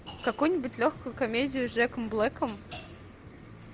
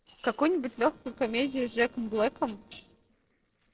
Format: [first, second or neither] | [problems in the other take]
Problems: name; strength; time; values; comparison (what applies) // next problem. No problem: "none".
first | noise reduction (neural separator model SepFormer DNS4)